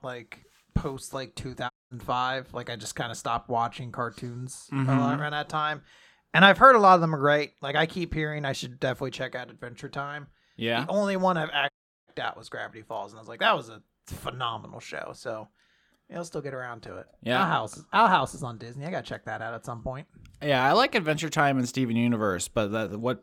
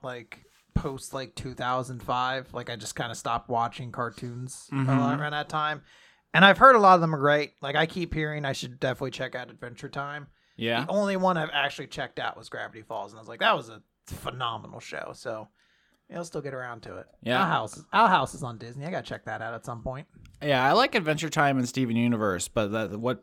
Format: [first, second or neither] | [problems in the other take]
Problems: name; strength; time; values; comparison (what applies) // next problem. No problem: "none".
second | audio cutting out; at 1.5 s and at 12 s